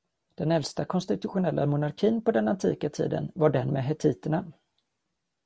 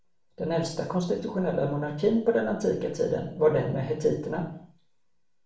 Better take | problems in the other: first | room echo; dies away in 0.5 s

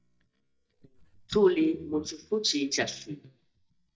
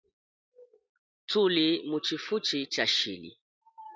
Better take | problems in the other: second | noise reduction (neural mask model DeepFilterNet 3)

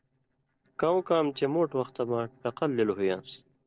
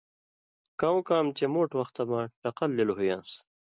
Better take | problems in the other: second | noise reduction (neural separator model SepFormer DNS4)

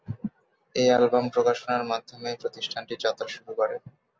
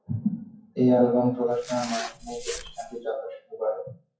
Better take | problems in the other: first | noise reduction (classical method WPE with log-MMSE)

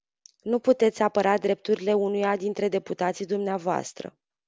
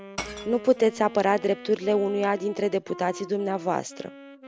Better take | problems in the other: first | background sound (Wind instrument, woodwind instrument + Shatter / Crushing); 16 dB below the speech

